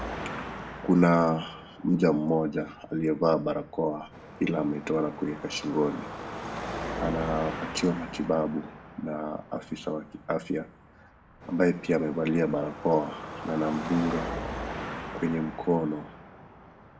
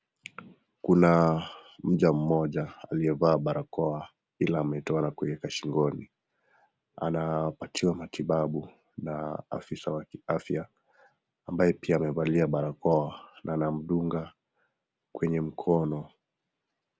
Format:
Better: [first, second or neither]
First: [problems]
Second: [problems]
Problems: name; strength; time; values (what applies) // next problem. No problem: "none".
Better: second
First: background sound (Car passing by / Traffic noise, roadway noise / Engine); 11 dB below the speech // room echo; dies away in 0.3 s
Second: none